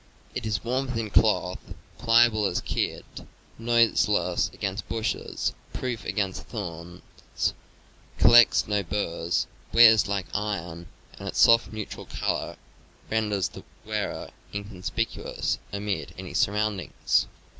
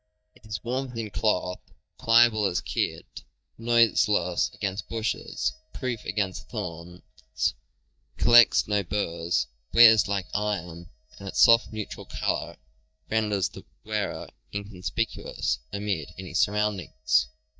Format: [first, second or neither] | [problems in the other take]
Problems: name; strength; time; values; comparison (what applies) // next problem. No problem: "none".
first | noise reduction (neural mask model DeepFilterNet 3)